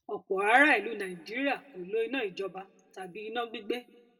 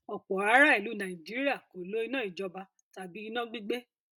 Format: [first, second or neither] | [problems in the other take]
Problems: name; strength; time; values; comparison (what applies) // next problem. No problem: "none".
second | room echo; dies away in 0.6 s